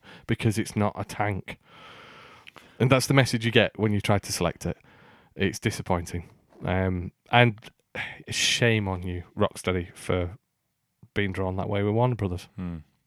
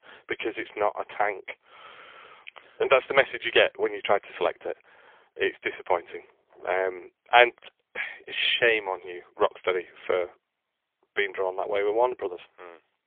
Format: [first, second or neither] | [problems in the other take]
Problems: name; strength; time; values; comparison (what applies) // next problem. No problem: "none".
first | phone-call audio; poor line; nothing above 3.5 kHz